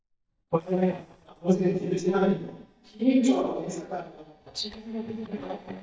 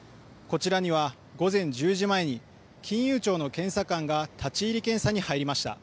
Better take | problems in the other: second | noise reduction (neural mask model DeepFilterNet 3)

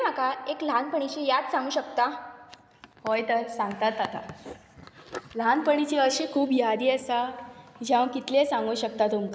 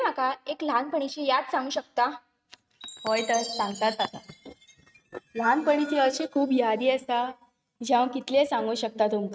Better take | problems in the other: first | noise reduction (neural mask model RNNoise)

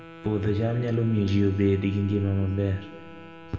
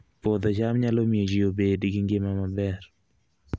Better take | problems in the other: second | background sound (Wind instrument, woodwind instrument); 19 dB below the speech // room echo; dies away in 1.7 s

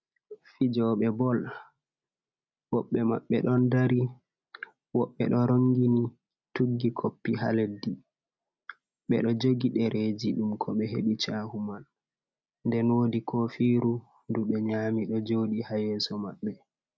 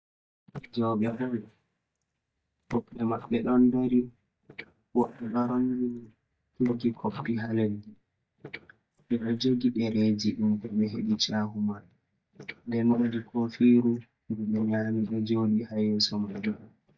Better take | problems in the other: first | noise reduction (neural mask model DeepFilterNet 3)

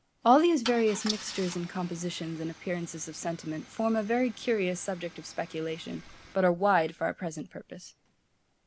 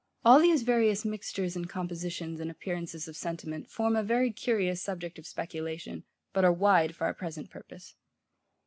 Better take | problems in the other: second | background sound (Idling / Engine starting / Car); 17 dB below the speech

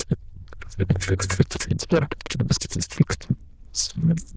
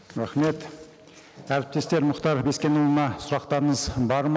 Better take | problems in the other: second | noise reduction (neural diffusion model UNIVERSE++)

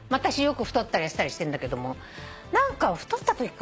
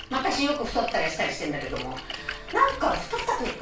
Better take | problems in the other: first | background sound (Splash, splatter); 11 dB below the speech // room echo; dies away in 0.3 s

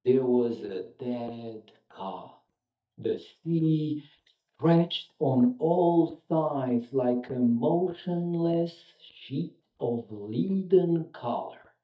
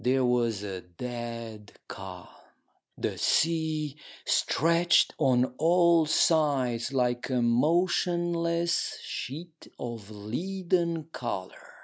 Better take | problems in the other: second | noise reduction (neural mask model DeepFilterNet 3)

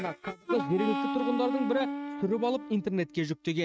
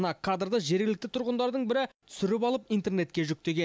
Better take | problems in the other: second | noise reduction (neural mask model RNNoise)

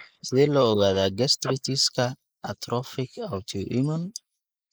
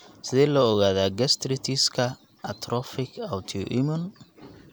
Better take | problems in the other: second | noise reduction (neural mask model Resemble Enhance denoiser)

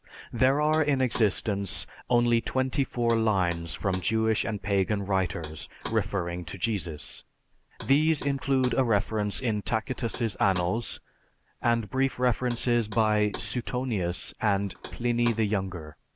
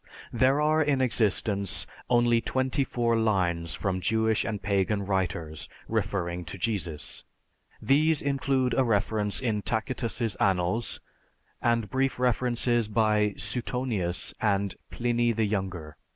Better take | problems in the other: second | background sound (Knock); 19 dB below the speech

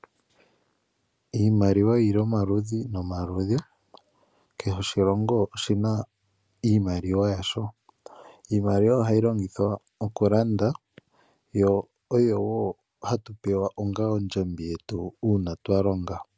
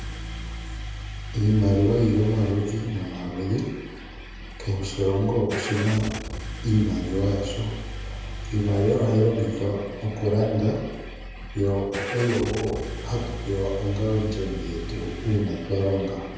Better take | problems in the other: first | background sound (Engine starting / Car); 9 dB below the speech // room echo; dies away in 1.1 s

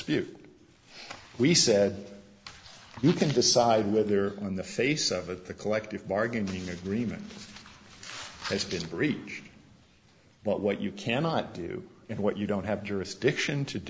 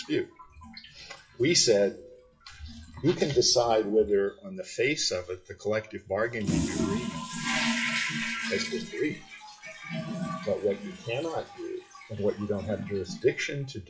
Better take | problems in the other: first | noise reduction (classical method WPE with log-MMSE)

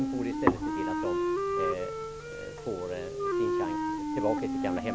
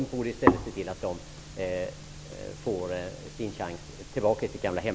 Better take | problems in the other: second | background sound (Wind instrument, woodwind instrument); 3 dB above the speech

